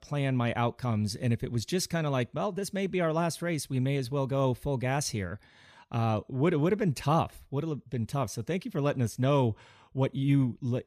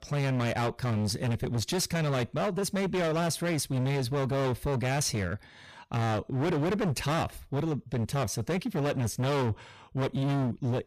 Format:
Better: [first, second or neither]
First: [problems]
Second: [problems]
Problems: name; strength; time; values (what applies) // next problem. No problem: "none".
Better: first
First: none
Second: distortion; heavy; 30% of the sound clipped